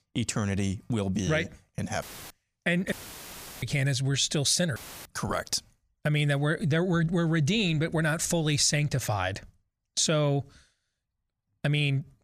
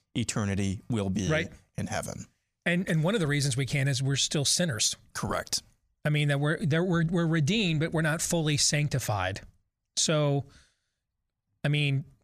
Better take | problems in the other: second | audio cutting out; filled with static; at 2 s, at 3 s for 0.5 s and at 5 s

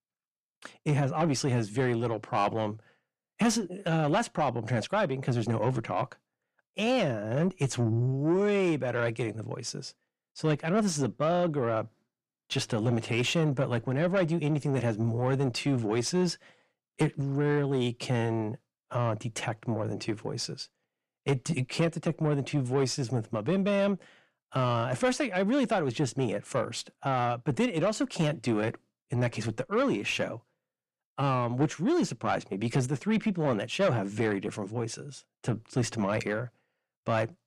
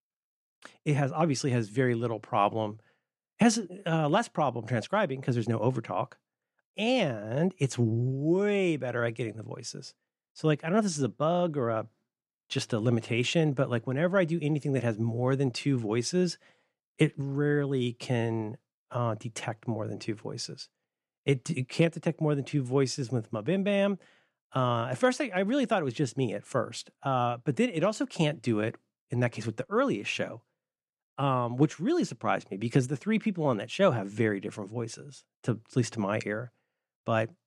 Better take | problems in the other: second | distortion; slight; 10 dB below the speech

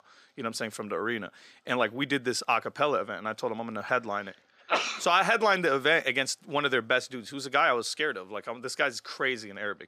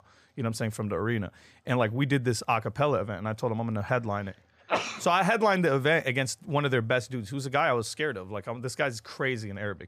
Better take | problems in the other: second | thin; somewhat; fading below 300 Hz

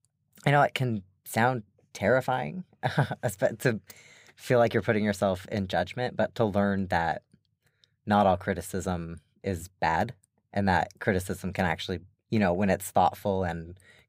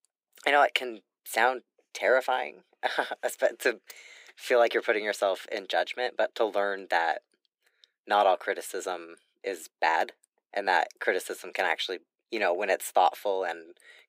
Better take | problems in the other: first | thin; very; fading below 300 Hz

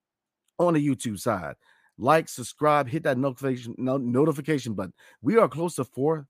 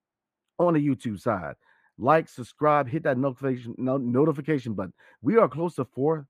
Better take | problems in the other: first | muffled; slightly; fading above 3.5 kHz

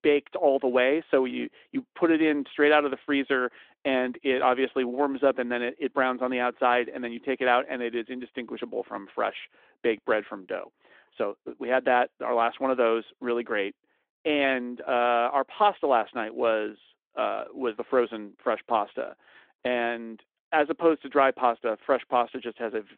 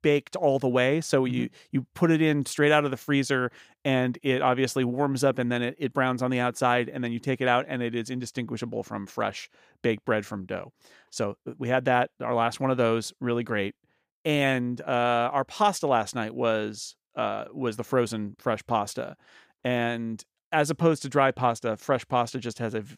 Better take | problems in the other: second | phone-call audio; nothing above 3.5 kHz

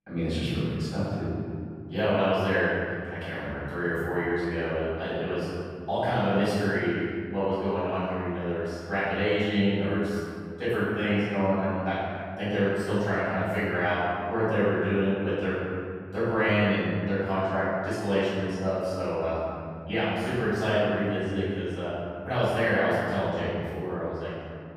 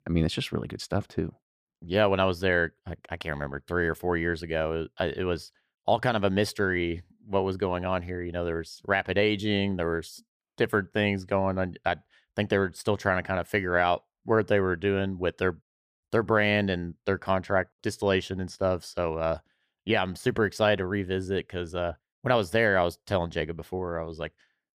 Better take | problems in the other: second | room echo; strong; dies away in 2.3 s // off-mic speech; far

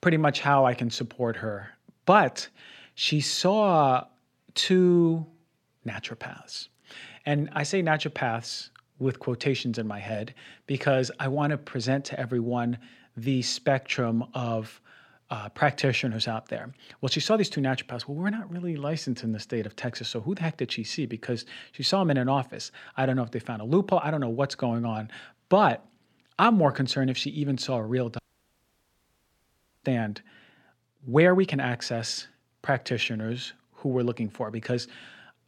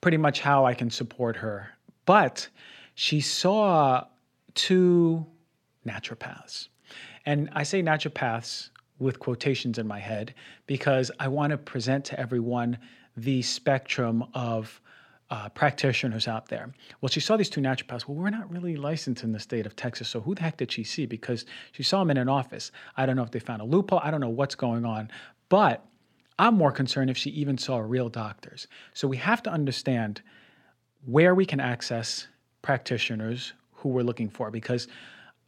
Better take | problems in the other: second | audio cutting out; at 28 s for 1.5 s

